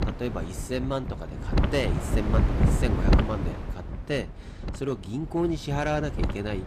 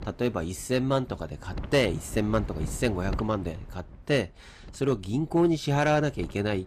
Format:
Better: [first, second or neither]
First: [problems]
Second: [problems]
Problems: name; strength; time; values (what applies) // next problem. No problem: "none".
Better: second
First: wind noise on the microphone; heavy; 3 dB below the speech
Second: wind noise on the microphone; occasional gusts; 20 dB below the speech